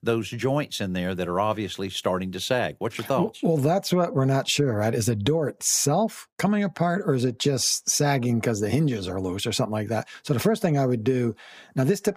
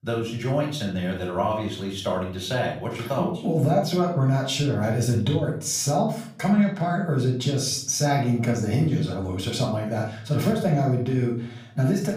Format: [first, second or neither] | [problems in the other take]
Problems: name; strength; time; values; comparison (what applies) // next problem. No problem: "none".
first | off-mic speech; far // room echo; noticeable; dies away in 0.5 s